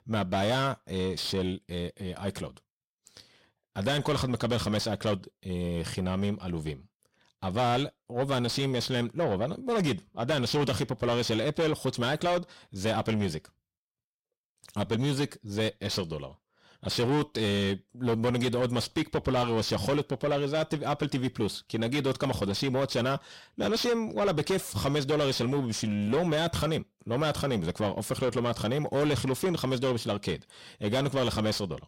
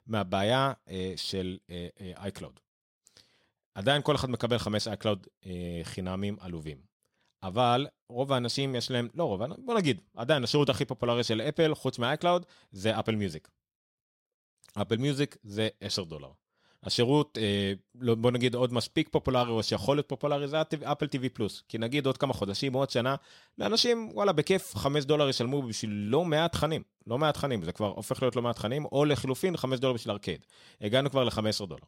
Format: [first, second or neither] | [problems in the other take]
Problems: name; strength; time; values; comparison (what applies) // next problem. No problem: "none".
second | distortion; heavy; 7 dB below the speech